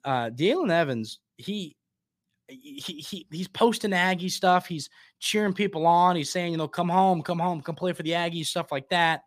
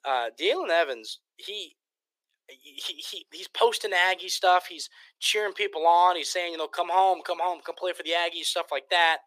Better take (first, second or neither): first